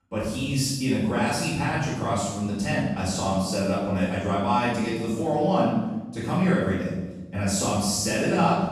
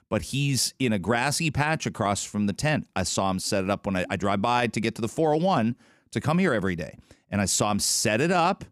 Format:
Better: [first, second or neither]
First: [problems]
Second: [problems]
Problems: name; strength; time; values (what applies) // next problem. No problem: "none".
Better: second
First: off-mic speech; far // room echo; strong; dies away in 1.1 s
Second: none